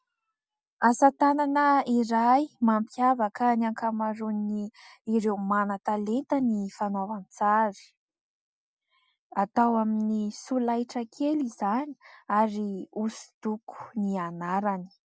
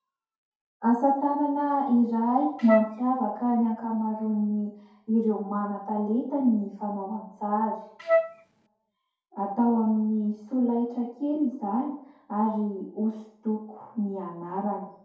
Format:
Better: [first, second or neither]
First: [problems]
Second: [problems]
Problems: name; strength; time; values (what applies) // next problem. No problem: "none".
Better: first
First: none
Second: background sound (Wind instrument, woodwind instrument); 1 dB above the speech // room echo; dies away in 2.3 s